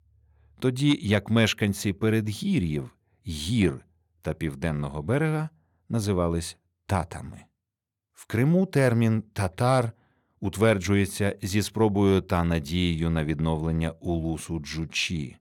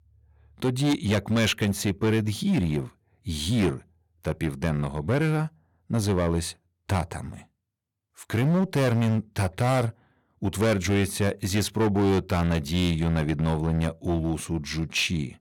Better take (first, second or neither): first